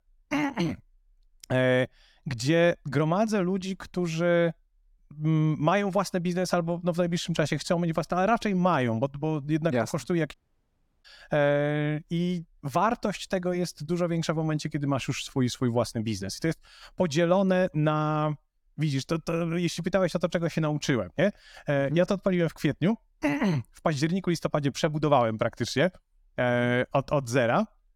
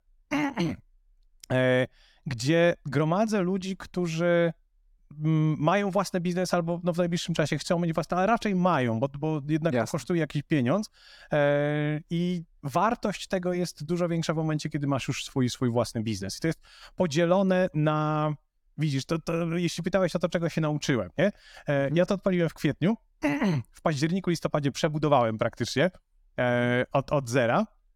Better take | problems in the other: second | audio cutting out; at 10 s for 0.5 s

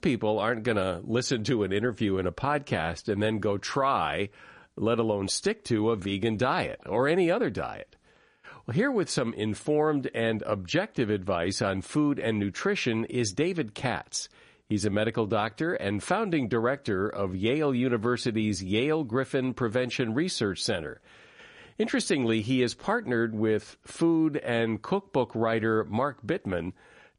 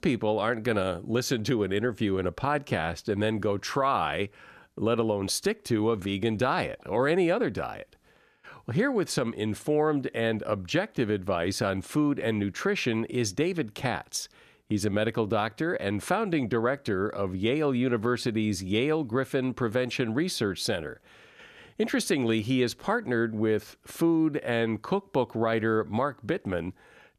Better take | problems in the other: second | garbled, watery; slightly; nothing above 10.5 kHz

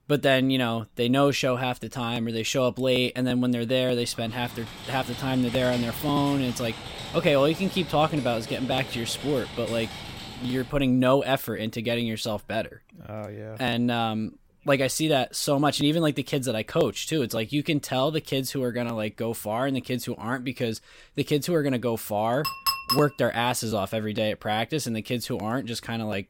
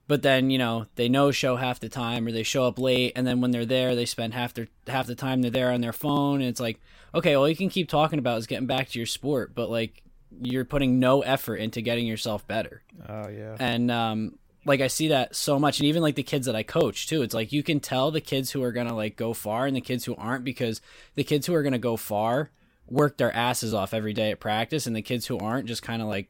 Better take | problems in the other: second | keyboard typing; noticeable; from 4 to 11 s; peak 9 dB below the speech // clattering dishes; loud; at 22 s; peak 1 dB above the speech

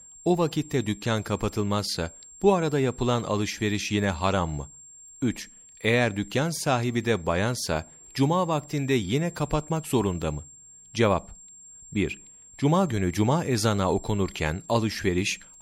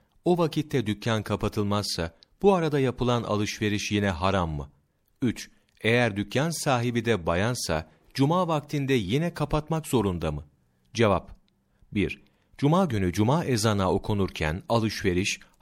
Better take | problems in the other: second | high-pitched whine; noticeable; throughout; 7.5 kHz, 20 dB below the speech

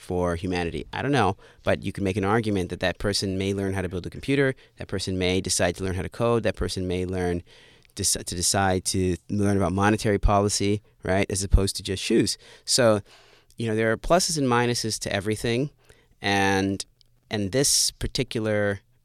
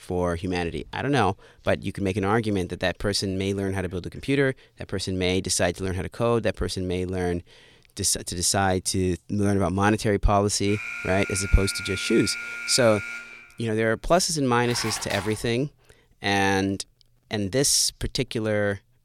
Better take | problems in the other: first | alarm; noticeable; from 11 to 13 s; peak 7 dB below the speech // clattering dishes; noticeable; at 15 s; peak 8 dB below the speech

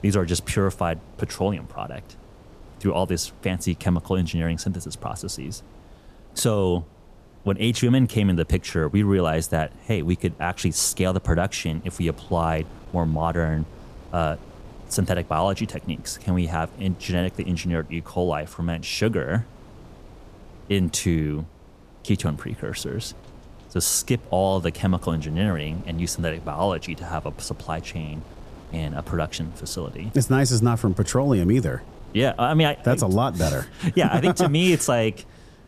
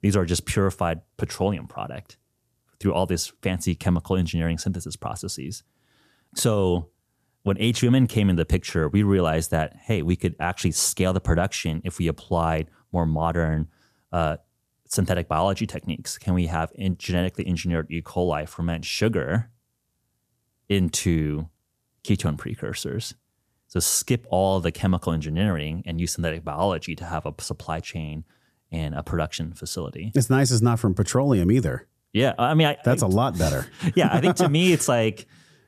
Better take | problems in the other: second | wind noise on the microphone; occasional gusts; 25 dB below the speech

